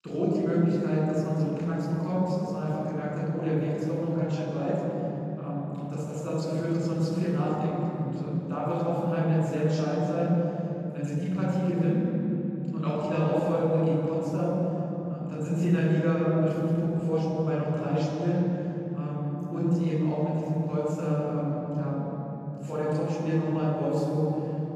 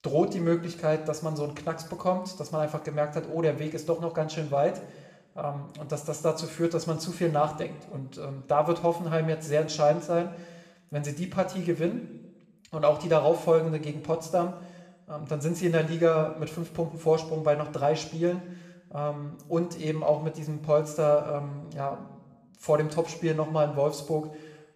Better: second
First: room echo; strong; dies away in 3 s // off-mic speech; far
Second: room echo; slight; dies away in 0.9 s

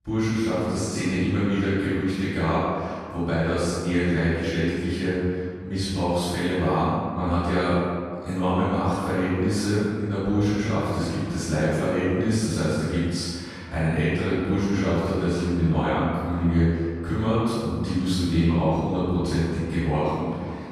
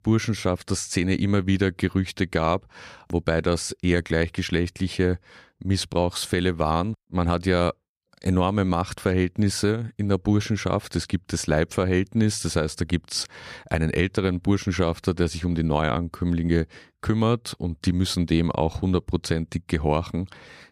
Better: second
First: room echo; strong; dies away in 1.9 s // off-mic speech; far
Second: none

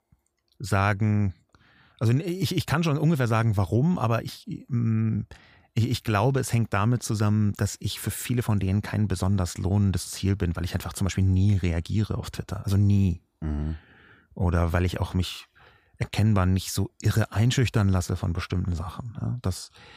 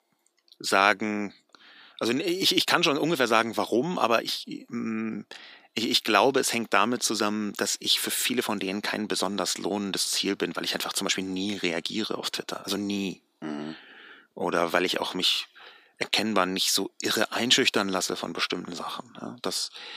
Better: first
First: none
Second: thin; somewhat; fading below 250 Hz

